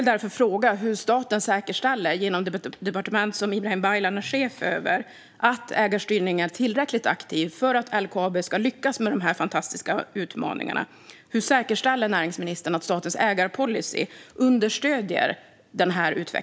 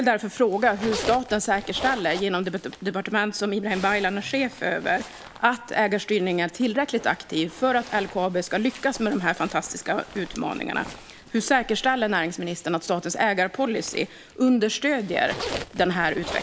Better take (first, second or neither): first